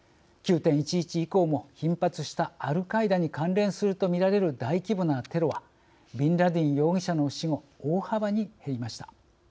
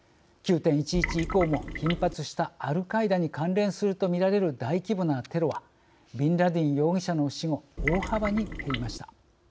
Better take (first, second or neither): first